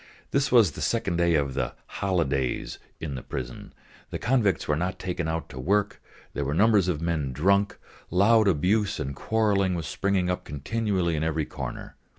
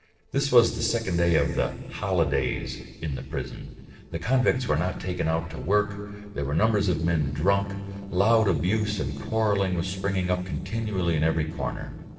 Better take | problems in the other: first | noise reduction (neural separator model SepFormer DNS4)

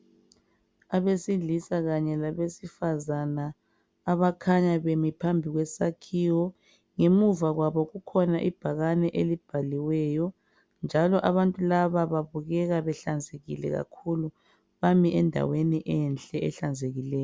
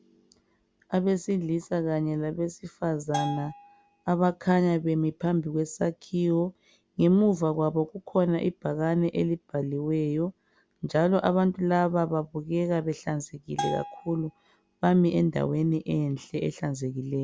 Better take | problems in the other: first | background sound (Bell); 10 dB below the speech

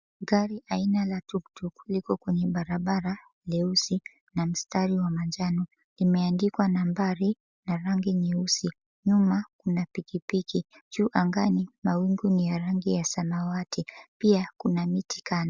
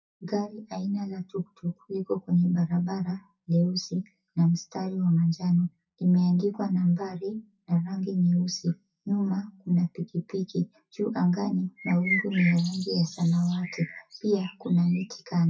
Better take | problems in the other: first | noise reduction (classical method WPE with log-MMSE)

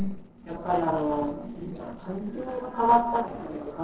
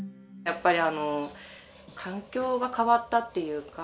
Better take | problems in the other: second | noise reduction (neural separator model SepFormer DNS4)

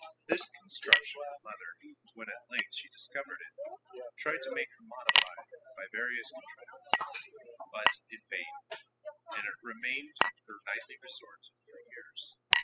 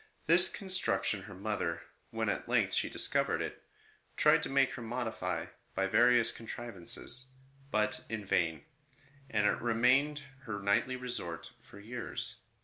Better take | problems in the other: second | noise reduction (classical method spectral subtraction)

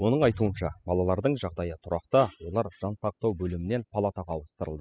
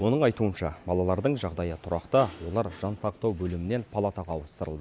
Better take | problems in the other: second | noise reduction (classical method spectral subtraction)

